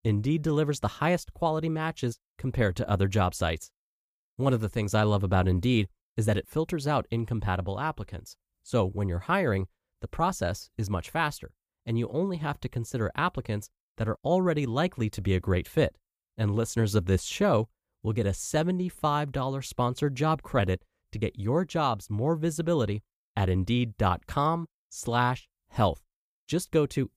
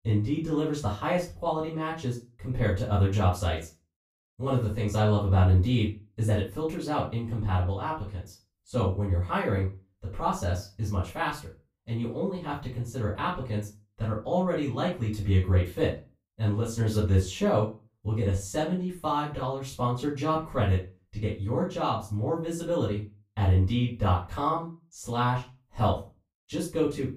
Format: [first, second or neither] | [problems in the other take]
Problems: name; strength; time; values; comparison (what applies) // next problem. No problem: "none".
first | off-mic speech; far // room echo; slight; dies away in 0.3 s